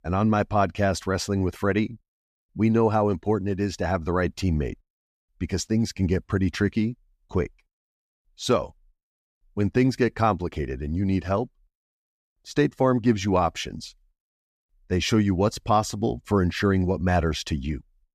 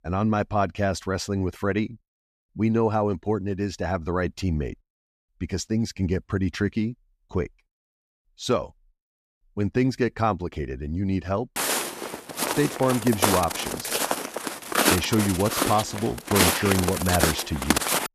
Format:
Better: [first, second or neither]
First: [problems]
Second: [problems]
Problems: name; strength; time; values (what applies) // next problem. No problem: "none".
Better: first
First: none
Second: footsteps; loud; from 12 s on; peak 6 dB above the speech